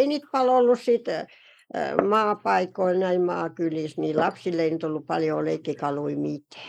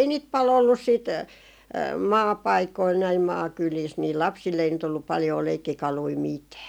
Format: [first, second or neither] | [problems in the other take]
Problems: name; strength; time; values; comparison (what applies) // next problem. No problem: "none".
second | noise reduction (neural mask model Resemble Enhance denoiser)